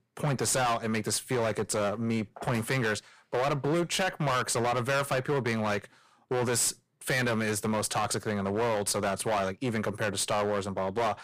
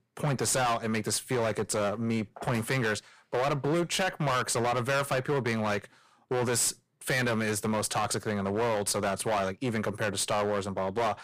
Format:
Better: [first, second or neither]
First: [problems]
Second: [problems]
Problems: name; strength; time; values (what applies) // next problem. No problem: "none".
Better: neither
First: distortion; heavy; 18% of the sound clipped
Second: distortion; heavy; 18% of the sound clipped